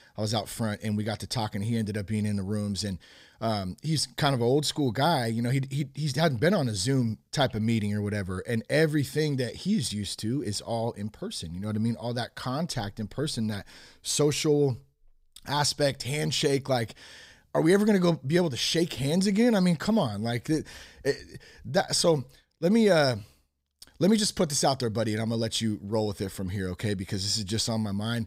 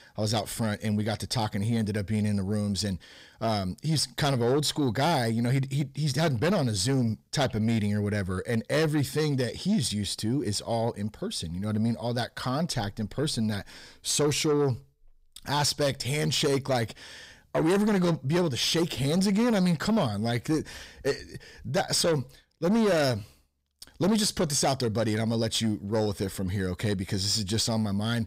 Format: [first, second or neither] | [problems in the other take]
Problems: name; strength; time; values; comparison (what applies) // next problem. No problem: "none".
first | distortion; slight; 10 dB below the speech